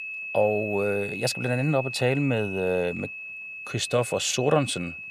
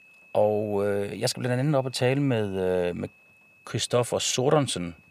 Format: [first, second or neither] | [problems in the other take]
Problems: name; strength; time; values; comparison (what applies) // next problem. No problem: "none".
second | high-pitched whine; loud; throughout; 2.5 kHz, 8 dB below the speech; faint in the second